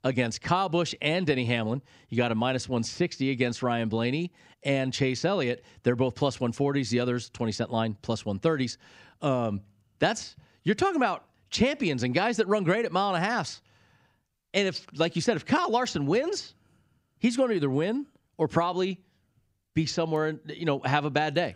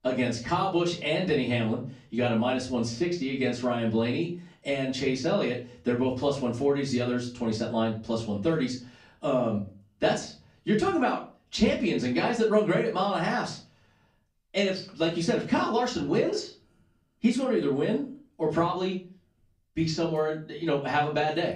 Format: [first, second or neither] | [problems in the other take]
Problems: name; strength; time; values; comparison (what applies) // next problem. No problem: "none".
first | off-mic speech; far // room echo; slight; dies away in 0.3 s